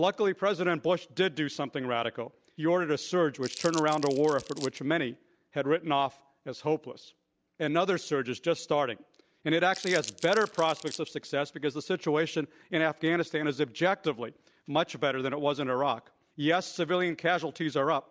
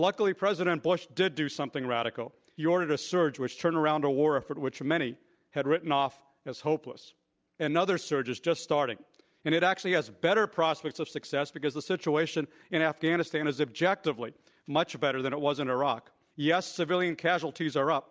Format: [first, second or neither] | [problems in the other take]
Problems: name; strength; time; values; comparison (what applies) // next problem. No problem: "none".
second | background sound (Crumpling, crinkling); 14 dB below the speech